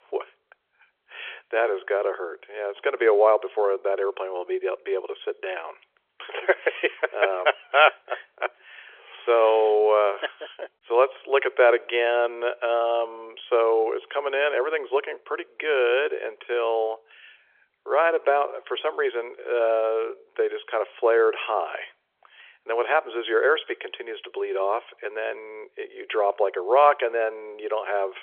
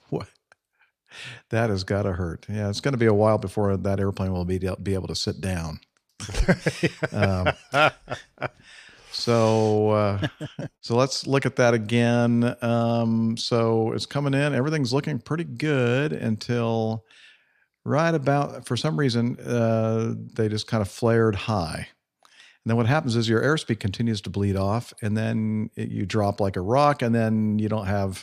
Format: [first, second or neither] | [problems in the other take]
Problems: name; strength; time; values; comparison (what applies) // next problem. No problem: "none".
second | phone-call audio; nothing above 3.5 kHz